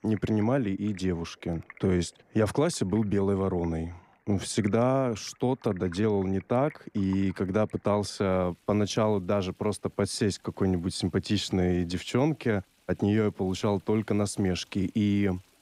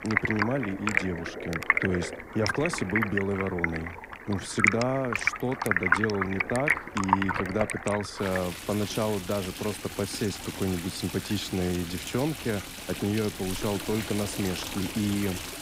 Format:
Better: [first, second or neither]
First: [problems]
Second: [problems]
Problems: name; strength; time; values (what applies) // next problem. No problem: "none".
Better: first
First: rain or running water; faint; throughout; 30 dB below the speech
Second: rain or running water; loud; throughout; as loud as the speech